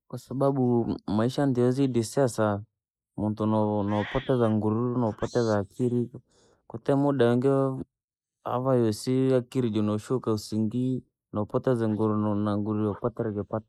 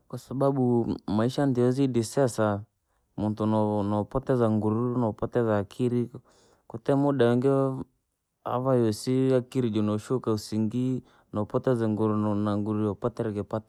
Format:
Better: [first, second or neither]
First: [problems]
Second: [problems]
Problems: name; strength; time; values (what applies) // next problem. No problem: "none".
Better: second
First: noise reduction (neural mask model Resemble Enhance denoiser)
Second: none